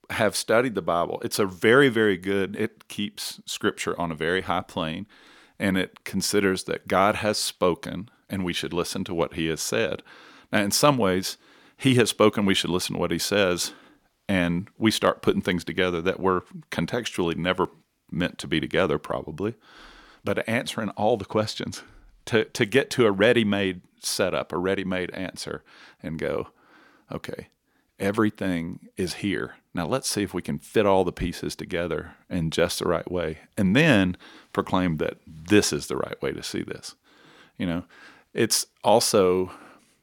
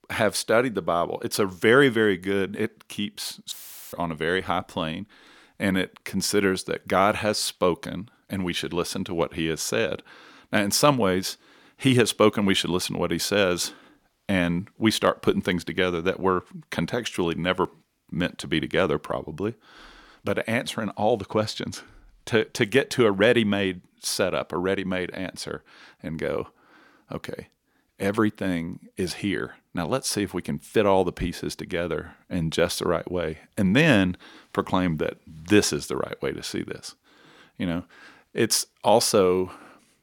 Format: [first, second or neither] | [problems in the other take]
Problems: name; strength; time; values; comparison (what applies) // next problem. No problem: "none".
first | audio cutting out; filled with static; at 3.5 s